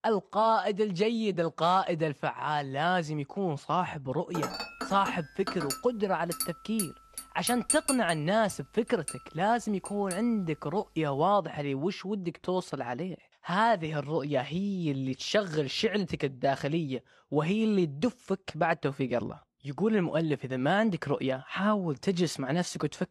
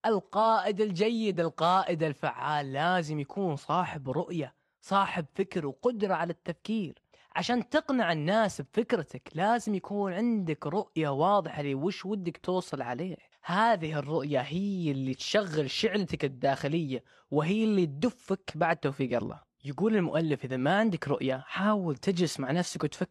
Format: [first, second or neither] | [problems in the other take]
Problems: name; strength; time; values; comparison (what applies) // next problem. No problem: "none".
second | clattering dishes; loud; from 4.5 to 10 s; peak 1 dB above the speech